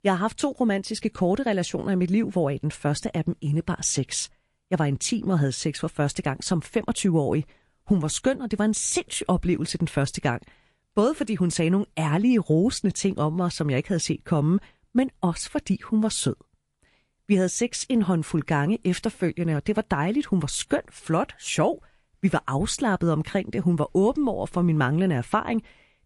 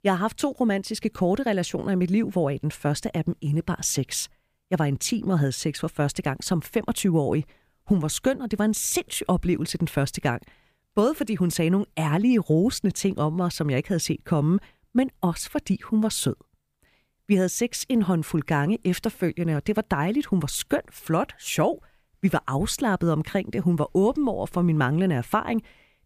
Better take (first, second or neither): second